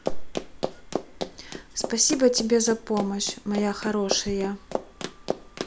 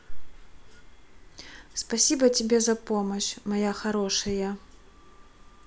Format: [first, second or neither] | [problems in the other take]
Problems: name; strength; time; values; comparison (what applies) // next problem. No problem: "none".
second | background sound (Run); 8 dB below the speech